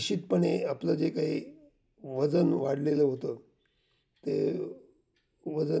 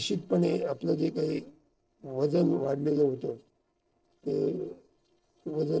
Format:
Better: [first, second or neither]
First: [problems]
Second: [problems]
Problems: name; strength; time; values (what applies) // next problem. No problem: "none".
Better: first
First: none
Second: noise reduction (neural separator model SepFormer DNS4)